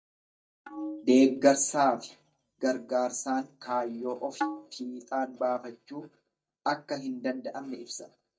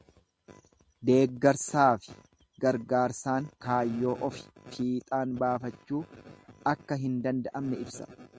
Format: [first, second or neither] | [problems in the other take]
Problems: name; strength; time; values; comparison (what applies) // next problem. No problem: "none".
second | noise reduction (neural mask model DeepFilterNet 3)